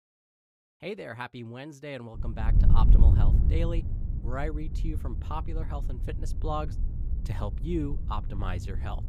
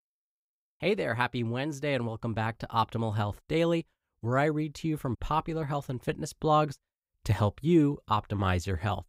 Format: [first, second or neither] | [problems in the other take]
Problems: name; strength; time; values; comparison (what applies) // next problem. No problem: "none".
second | wind noise on the microphone; heavy; from 2 s on; 7 dB below the speech